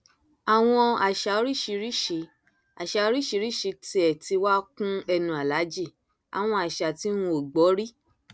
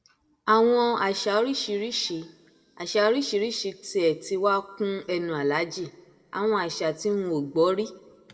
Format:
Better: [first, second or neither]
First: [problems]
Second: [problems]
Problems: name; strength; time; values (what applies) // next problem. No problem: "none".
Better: first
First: none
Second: room echo; dies away in 0.8 s